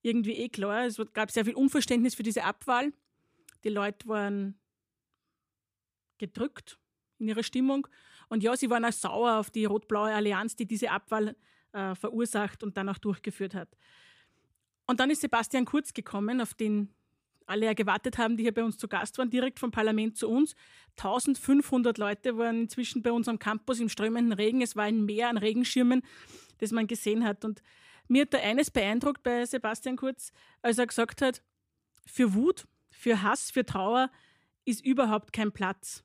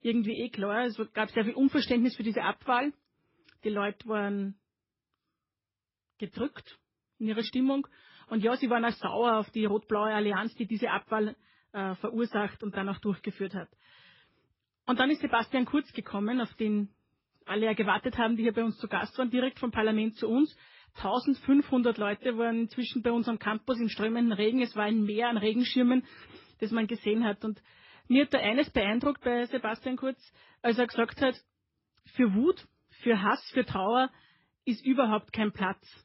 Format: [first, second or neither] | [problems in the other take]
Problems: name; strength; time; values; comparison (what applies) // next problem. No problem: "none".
first | garbled, watery; badly; nothing above 5.5 kHz